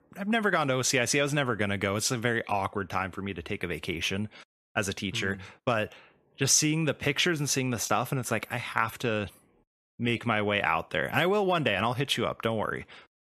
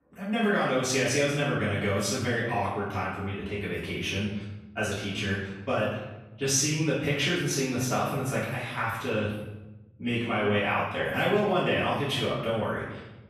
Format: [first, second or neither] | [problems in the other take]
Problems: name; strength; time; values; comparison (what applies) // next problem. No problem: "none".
first | off-mic speech; far // room echo; noticeable; dies away in 1 s